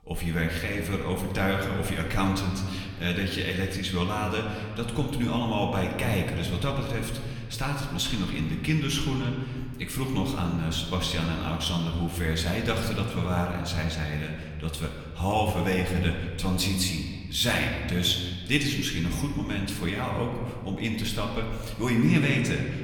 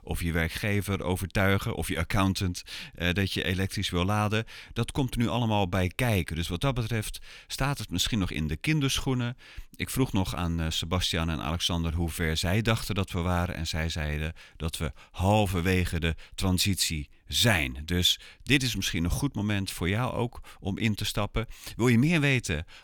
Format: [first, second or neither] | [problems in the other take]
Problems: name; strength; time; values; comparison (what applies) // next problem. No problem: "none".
second | room echo; slight; dies away in 1.8 s // off-mic speech; somewhat distant